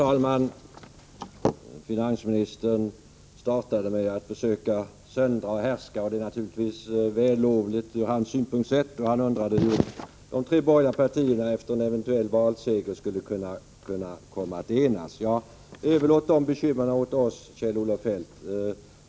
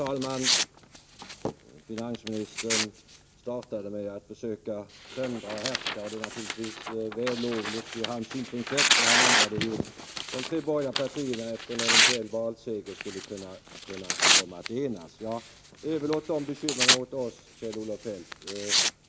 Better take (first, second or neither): first